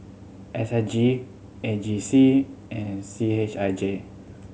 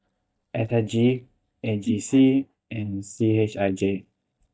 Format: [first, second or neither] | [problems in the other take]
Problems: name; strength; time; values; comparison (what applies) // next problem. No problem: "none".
first | noise reduction (neural mask model DeepFilterNet 3)